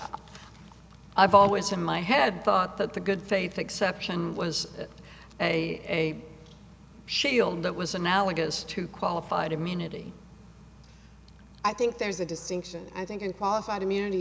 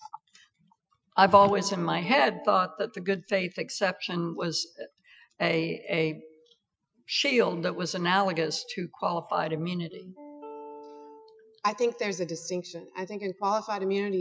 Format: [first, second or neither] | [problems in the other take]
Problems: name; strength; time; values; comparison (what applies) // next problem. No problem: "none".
first | noise reduction (classical method Wiener filter)